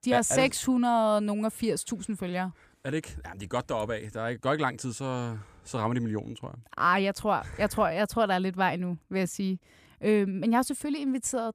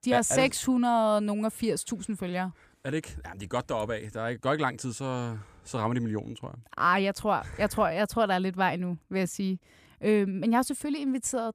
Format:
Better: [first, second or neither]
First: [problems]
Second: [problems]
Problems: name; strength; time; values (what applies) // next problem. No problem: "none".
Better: neither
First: none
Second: none